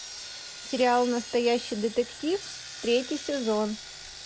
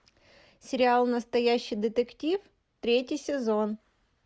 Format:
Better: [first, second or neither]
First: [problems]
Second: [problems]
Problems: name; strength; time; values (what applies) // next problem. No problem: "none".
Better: second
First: background sound (Sawing); 13 dB below the speech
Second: none